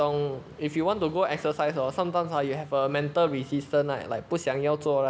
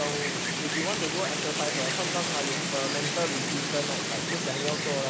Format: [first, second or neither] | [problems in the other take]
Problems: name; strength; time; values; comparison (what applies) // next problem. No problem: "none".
first | background sound (Wind); 4 dB above the speech